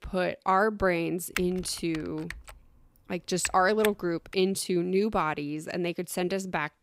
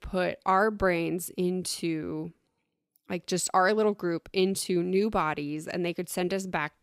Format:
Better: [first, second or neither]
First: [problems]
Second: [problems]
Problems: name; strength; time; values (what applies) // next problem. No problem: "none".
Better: second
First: keyboard typing; noticeable; from 1.5 to 4.5 s; peak 7 dB below the speech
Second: none